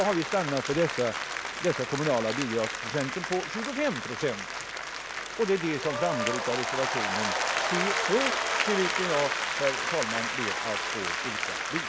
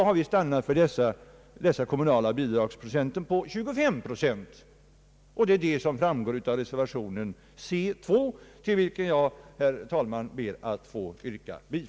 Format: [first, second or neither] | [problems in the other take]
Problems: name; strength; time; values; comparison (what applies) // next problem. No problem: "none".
second | background sound (Applause); as loud as the speech